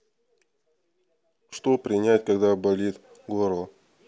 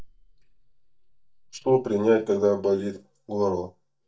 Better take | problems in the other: first | noise reduction (neural mask model DeepFilterNet 3)

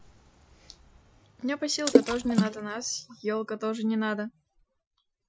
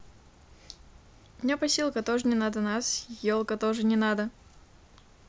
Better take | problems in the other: second | noise reduction (classical method Wiener filter)

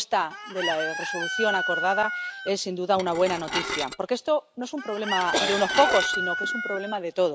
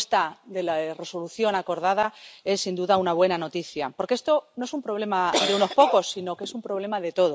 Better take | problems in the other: second | background sound (Chicken, rooster + Dishes, pots, and pans / Glass); 4 dB below the speech

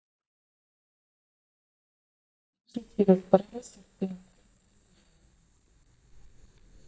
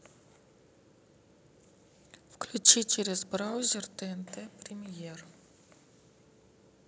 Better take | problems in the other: second | noise reduction (neural mask model DeepFilterNet 3)

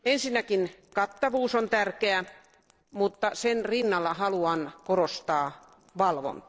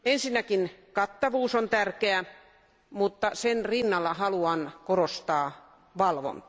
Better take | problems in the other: second | noise reduction (neural separator model SepFormer DNS4)

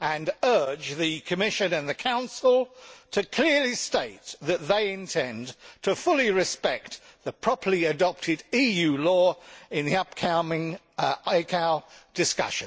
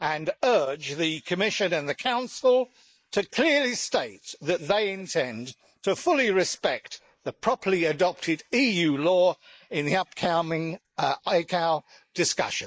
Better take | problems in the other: first | noise reduction (neural mask model Resemble Enhance denoiser)

